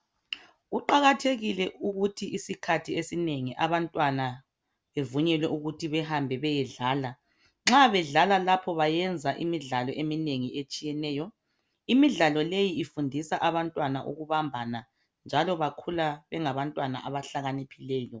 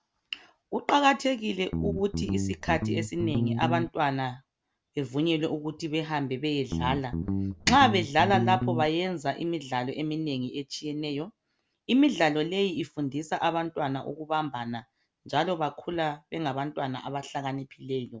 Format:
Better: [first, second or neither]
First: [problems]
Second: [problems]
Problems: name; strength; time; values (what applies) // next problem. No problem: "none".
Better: first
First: none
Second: background sound (Guitar); 1 dB below the speech